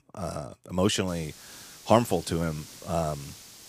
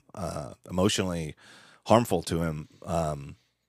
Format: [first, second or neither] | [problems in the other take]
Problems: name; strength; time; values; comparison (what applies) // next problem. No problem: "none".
second | hiss; noticeable; from 1 s on; 15 dB below the speech